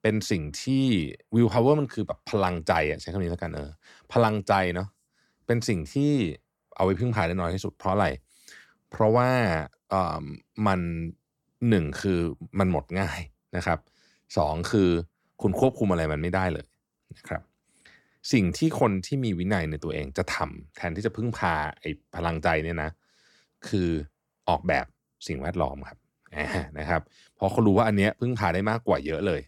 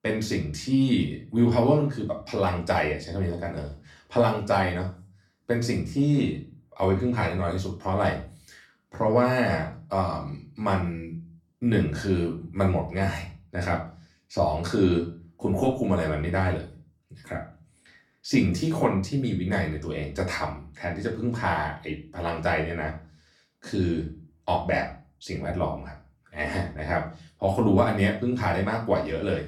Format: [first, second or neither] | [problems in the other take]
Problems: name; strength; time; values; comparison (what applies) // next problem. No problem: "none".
first | room echo; slight; dies away in 0.3 s // off-mic speech; far